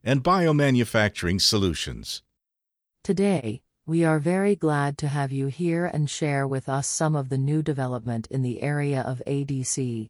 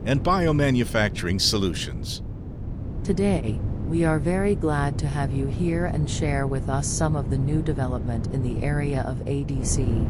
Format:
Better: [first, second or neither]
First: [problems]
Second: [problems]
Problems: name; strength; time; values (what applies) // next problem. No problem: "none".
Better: first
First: none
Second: wind noise on the microphone; occasional gusts; 15 dB below the speech